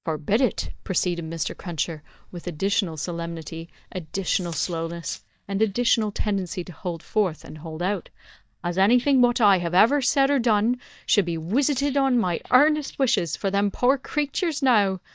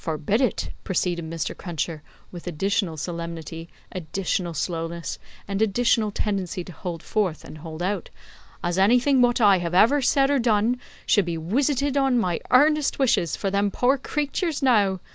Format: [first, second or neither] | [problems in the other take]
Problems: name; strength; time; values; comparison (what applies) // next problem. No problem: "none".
second | noise reduction (neural mask model DeepFilterNet 3)